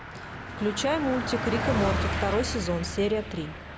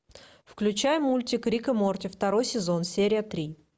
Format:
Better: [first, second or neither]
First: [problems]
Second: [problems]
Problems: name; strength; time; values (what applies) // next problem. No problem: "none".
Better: second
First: background sound (Car passing by); 3 dB below the speech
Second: none